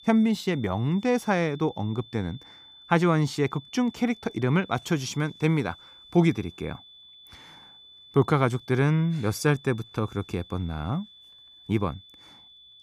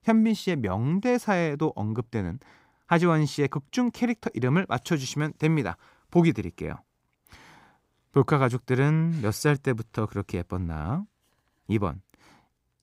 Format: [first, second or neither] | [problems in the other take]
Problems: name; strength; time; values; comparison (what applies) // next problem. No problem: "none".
second | high-pitched whine; faint; throughout; 3.5 kHz, 20 dB below the speech